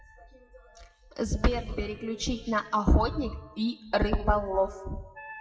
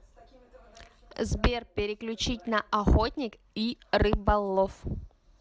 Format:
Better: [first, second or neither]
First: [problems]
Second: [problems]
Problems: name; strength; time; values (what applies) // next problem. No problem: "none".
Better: second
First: noise reduction (classical method WPE with log-MMSE)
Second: none